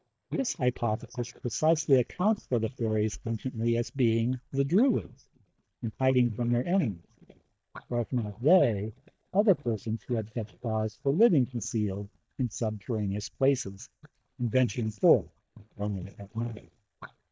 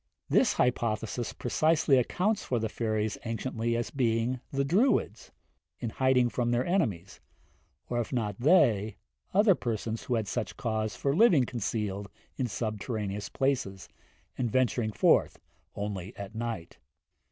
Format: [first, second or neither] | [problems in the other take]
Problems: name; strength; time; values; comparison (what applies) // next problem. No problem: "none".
second | noise reduction (neural mask model DeepFilterNet 3)